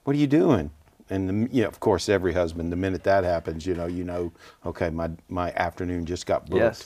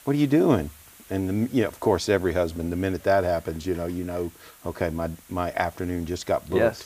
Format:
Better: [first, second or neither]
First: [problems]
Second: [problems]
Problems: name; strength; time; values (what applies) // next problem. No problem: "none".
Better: first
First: none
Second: hiss; faint; throughout; 25 dB below the speech